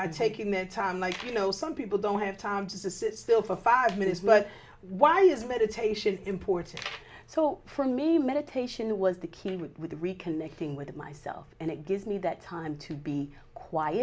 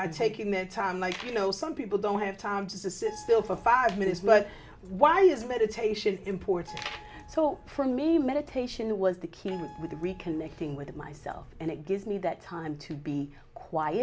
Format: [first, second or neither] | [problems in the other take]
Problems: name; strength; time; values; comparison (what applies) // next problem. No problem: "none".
first | background sound (Keyboard (musical)); 20 dB below the speech